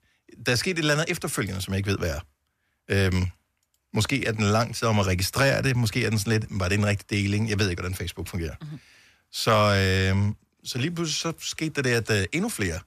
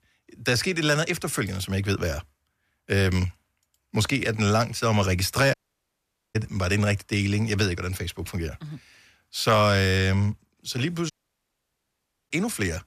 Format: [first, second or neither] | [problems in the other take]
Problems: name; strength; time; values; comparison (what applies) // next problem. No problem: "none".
first | audio cutting out; at 5.5 s for 1 s and at 11 s for 1 s